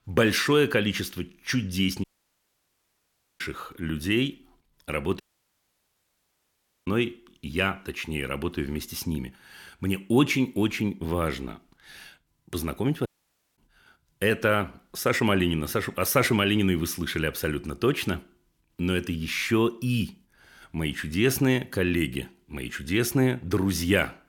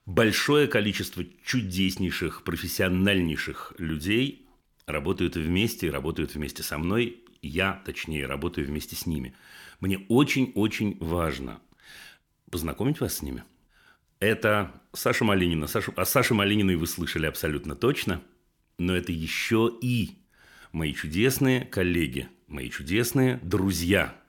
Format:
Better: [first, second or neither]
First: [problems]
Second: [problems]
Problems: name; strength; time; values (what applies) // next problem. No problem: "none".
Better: second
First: audio cutting out; at 2 s for 1.5 s, at 5 s for 1.5 s and at 13 s for 0.5 s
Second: none